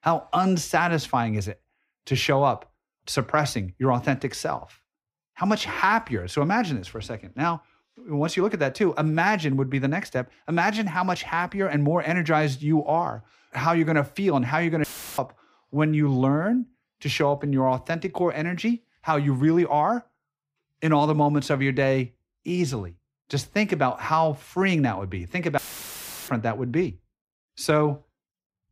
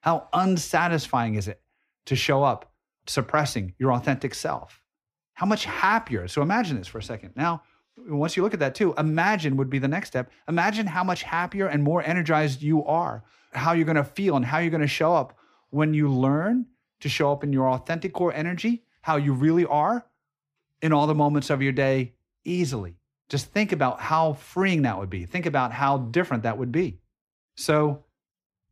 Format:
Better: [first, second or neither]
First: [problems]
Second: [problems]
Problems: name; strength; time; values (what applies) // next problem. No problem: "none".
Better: second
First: audio cutting out; filled with static; at 15 s and at 26 s for 0.5 s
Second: none